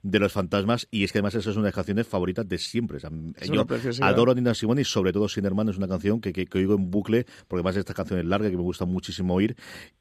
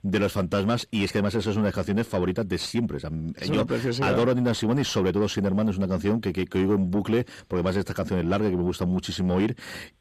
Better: first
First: none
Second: distortion; slight; 10 dB below the speech

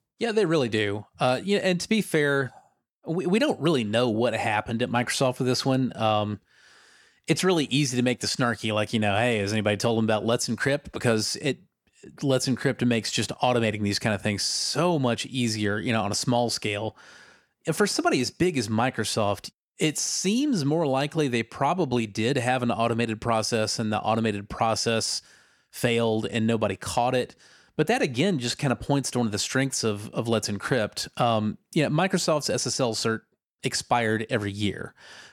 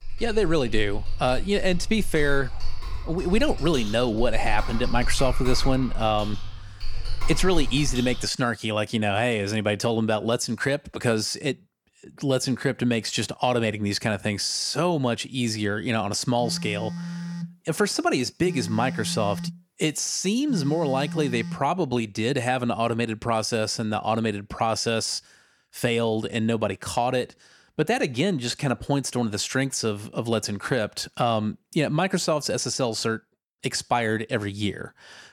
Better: first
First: none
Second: keyboard typing; noticeable; until 8 s; peak 6 dB below the speech // phone ringing; noticeable; from 16 to 22 s; peak 7 dB below the speech

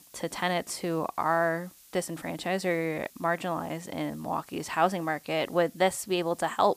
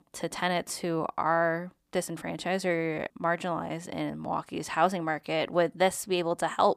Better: second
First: hiss; faint; throughout; 25 dB below the speech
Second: none

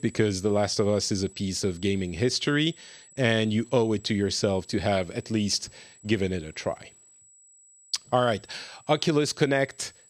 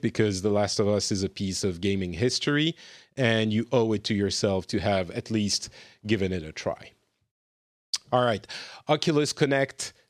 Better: second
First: high-pitched whine; faint; throughout; 8 kHz, 25 dB below the speech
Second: none

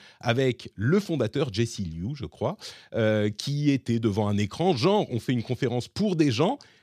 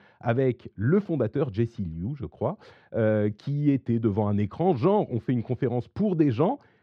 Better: first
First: none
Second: muffled; very; fading above 3.5 kHz

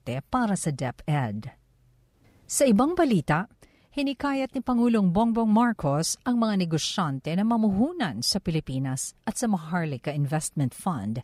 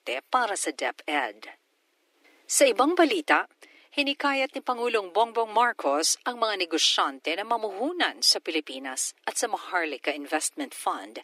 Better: first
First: none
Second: thin; very; fading below 300 Hz

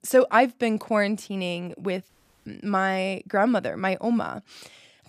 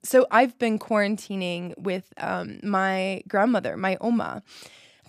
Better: second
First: audio cutting out; at 2 s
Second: none

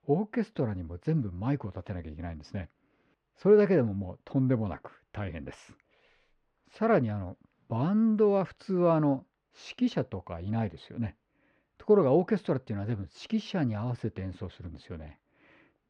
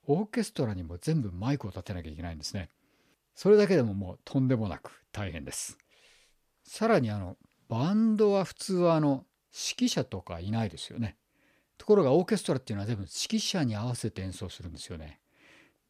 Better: second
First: muffled; very; fading above 2 kHz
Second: none

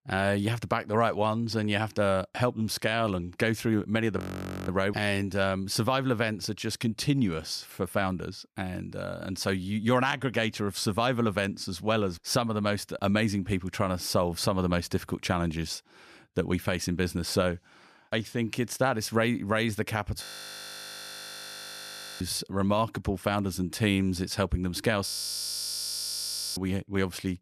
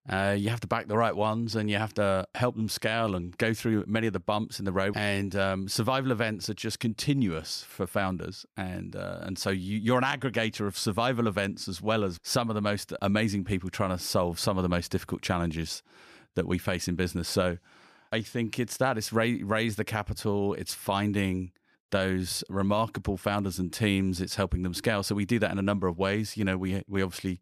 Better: second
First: audio freezing; at 4 s, at 20 s for 2 s and at 25 s for 1.5 s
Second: none

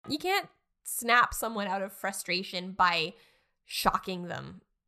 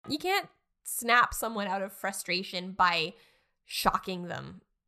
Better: neither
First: none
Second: none

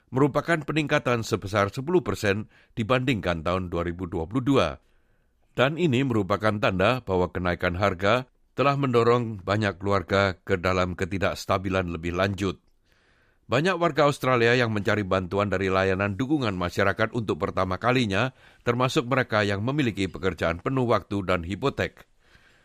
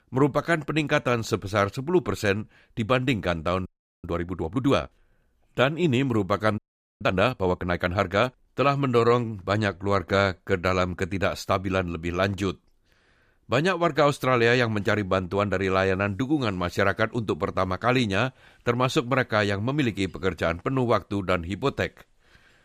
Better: first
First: none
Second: audio freezing; at 3.5 s and at 6.5 s

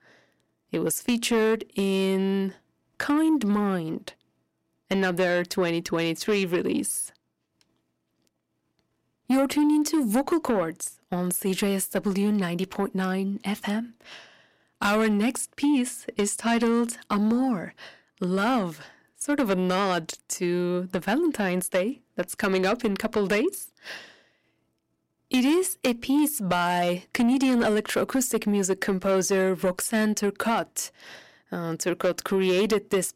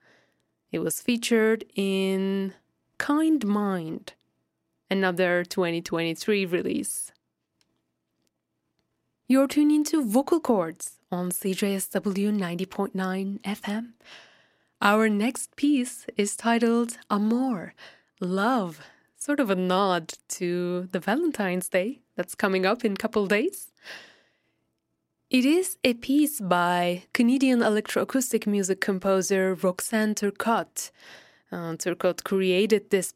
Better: second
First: distortion; slight; 10 dB below the speech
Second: none

